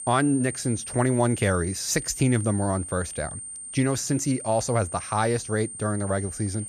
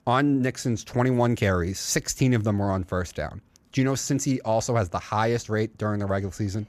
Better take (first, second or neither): second